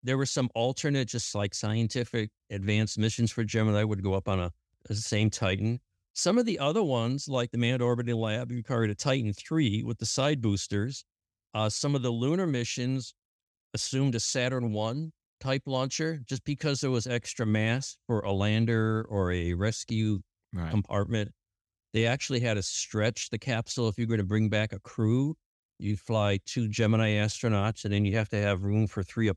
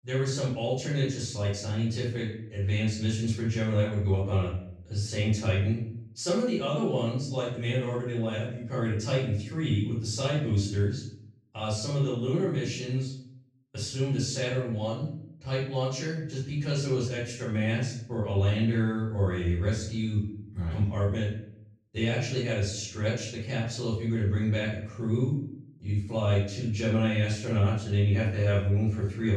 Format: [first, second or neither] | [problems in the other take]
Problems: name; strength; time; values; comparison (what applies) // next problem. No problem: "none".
first | off-mic speech; far // room echo; noticeable; dies away in 0.5 s